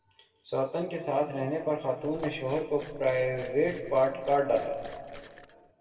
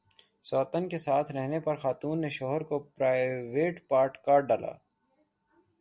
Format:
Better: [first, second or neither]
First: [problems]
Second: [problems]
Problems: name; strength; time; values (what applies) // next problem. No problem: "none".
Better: second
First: background sound (Liquid); 17 dB below the speech // room echo; dies away in 2 s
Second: none